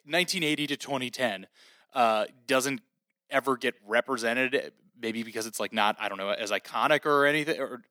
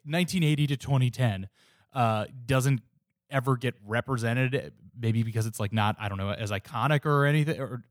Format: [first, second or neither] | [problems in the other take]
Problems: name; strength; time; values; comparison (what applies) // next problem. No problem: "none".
second | thin; somewhat; fading below 250 Hz